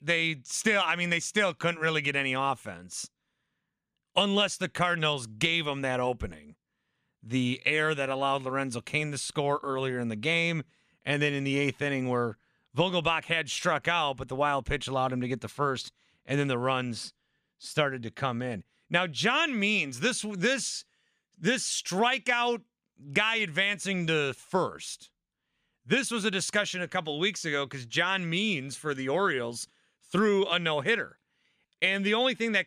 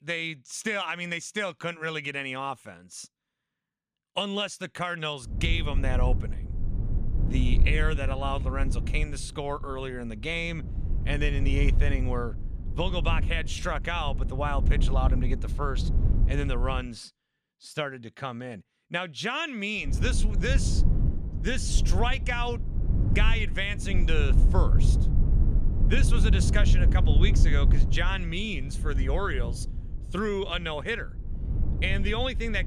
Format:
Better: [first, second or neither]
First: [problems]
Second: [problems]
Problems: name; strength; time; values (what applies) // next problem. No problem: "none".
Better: first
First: none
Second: low rumble; noticeable; from 5.5 to 17 s and from 20 s on; 10 dB below the speech